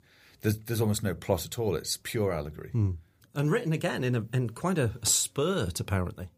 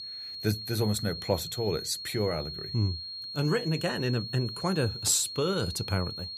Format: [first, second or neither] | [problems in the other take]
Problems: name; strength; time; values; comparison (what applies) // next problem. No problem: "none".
first | high-pitched whine; loud; throughout; 4.5 kHz, 7 dB below the speech